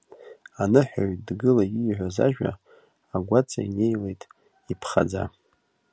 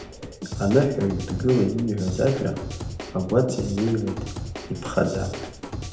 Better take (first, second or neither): first